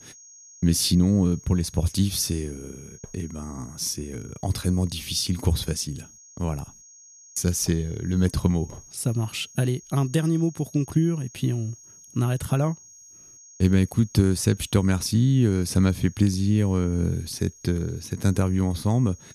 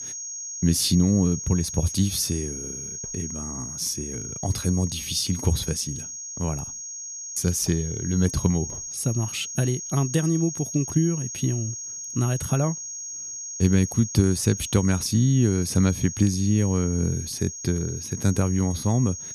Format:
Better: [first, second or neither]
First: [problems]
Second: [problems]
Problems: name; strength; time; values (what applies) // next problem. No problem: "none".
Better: first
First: high-pitched whine; faint; throughout; 6.5 kHz, 20 dB below the speech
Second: high-pitched whine; loud; throughout; 6.5 kHz, 8 dB below the speech